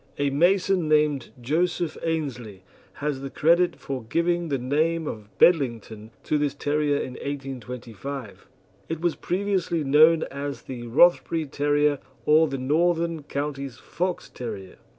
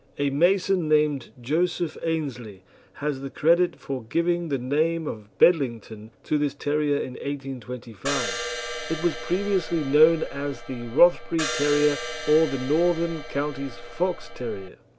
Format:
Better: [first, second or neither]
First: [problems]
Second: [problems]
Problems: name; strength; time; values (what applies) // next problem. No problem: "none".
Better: first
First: none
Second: background sound (Crash cymbal); 8 dB below the speech